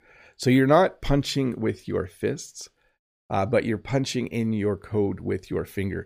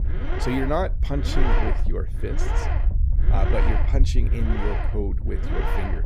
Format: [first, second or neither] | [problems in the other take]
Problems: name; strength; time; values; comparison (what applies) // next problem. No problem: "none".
first | low rumble; loud; throughout; 1 dB below the speech